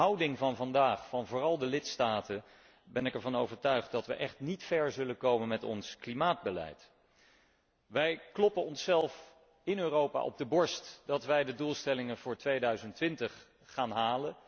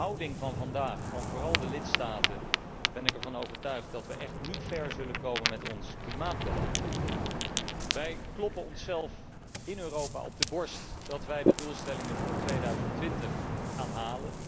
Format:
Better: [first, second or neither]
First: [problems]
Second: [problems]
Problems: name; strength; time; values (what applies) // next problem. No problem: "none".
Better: first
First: none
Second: background sound (Ocean); 4 dB above the speech